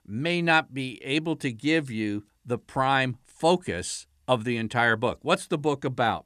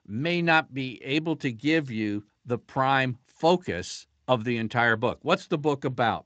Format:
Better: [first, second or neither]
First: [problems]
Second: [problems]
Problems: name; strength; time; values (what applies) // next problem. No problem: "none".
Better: first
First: none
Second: garbled, watery; slightly; nothing above 7.5 kHz